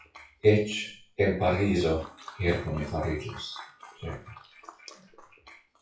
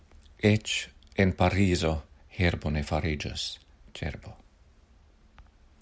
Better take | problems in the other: second | noise reduction (classical method WPE with log-MMSE)

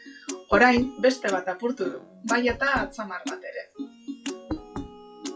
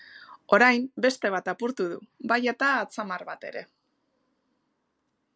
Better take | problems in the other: second | noise reduction (classical method WPE with log-MMSE)

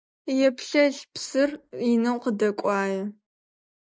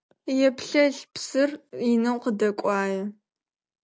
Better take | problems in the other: second | noise reduction (neural mask model Resemble Enhance denoiser)

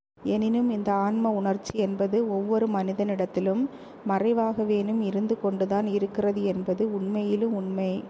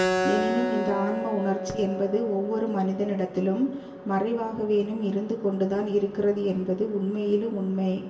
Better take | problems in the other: first | background sound (Keyboard (musical)); 7 dB below the speech // room echo; dies away in 0.6 s

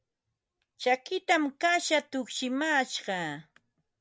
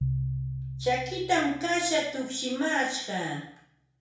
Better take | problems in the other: first | background sound (Piano); 6 dB below the speech // room echo; dies away in 0.6 s

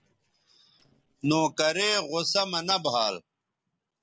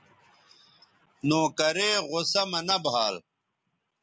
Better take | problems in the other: second | noise reduction (neural separator model SepFormer DNS4)

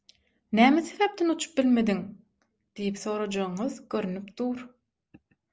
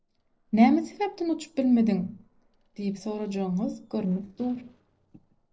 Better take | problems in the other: first | noise reduction (neural separator model SepFormer DNS4)

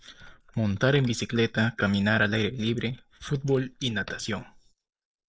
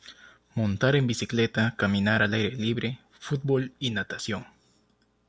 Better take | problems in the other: second | noise reduction (neural mask model Resemble Enhance denoiser)

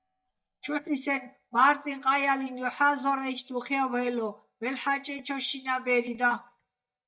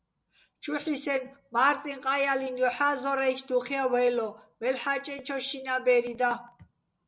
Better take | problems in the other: second | noise reduction (neural mask model DeepFilterNet 3)

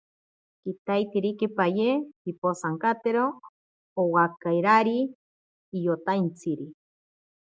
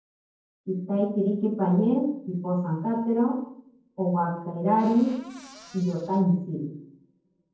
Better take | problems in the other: first | noise reduction (neural separator model SepFormer DNS4)

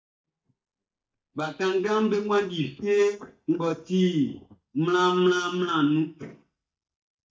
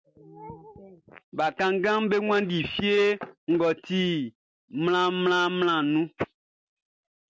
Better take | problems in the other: second | noise reduction (neural mask model DeepFilterNet 3)

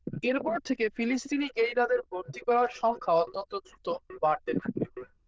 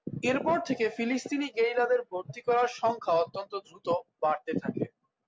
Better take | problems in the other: second | noise reduction (neural diffusion model UNIVERSE++)

